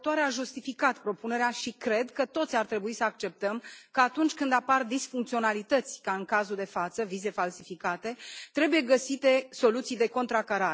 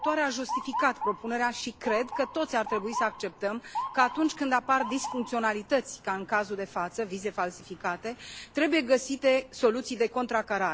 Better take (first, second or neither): first